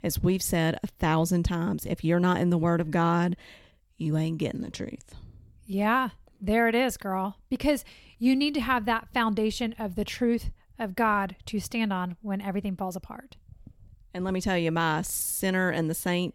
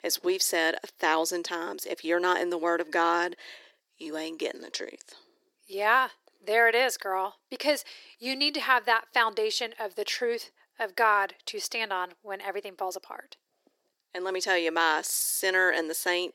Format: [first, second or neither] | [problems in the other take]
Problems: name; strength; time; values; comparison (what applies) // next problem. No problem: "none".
first | thin; very; fading below 350 Hz